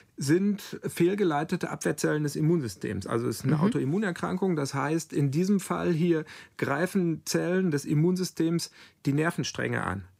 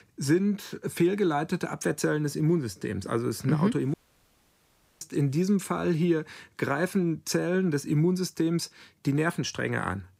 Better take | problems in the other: first | audio cutting out; at 4 s for 1 s

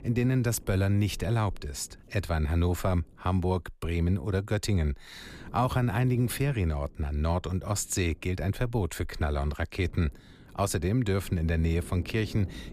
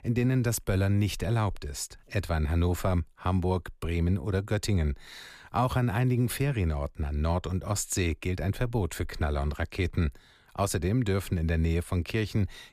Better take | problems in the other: second | wind noise on the microphone; occasional gusts; until 3.5 s, from 5 to 8.5 s and from 10 s on; 25 dB below the speech

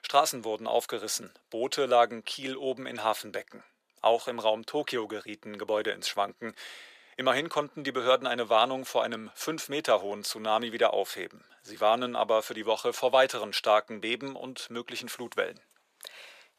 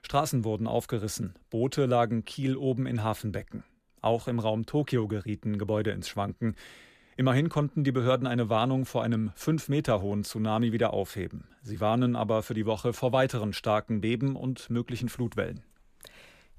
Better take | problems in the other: second | thin; very; fading below 600 Hz

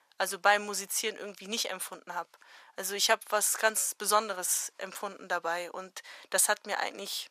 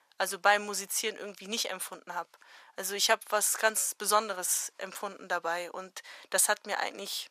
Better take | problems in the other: neither | thin; very; fading below 850 Hz; the same in both

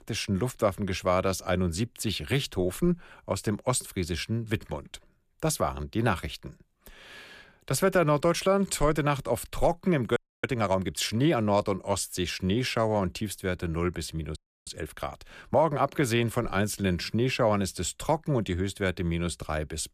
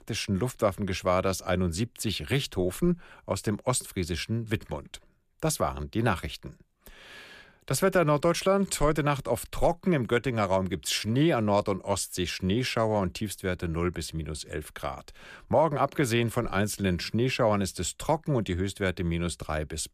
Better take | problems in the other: second | audio freezing; at 10 s and at 14 s

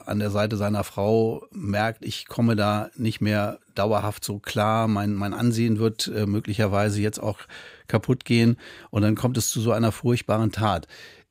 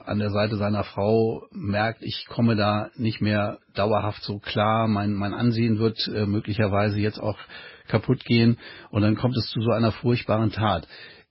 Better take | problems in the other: first | garbled, watery; badly; nothing above 5 kHz

